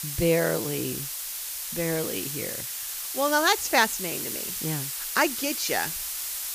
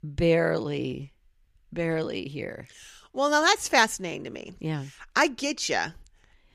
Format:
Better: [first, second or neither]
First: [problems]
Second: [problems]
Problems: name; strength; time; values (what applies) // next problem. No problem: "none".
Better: second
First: hiss; loud; throughout; 3 dB below the speech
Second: none